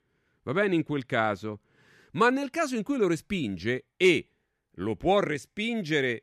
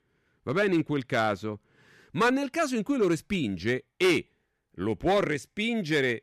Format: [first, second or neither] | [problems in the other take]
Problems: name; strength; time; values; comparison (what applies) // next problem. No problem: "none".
first | distortion; slight; 4% of the sound clipped